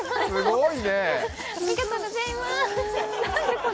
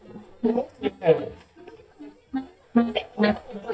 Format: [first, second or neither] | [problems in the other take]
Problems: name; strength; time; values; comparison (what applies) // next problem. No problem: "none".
first | noise reduction (neural mask model DeepFilterNet 3)